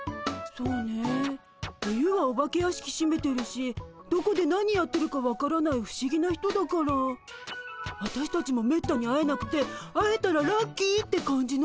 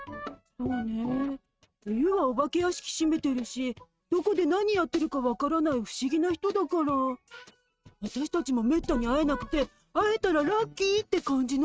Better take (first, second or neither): first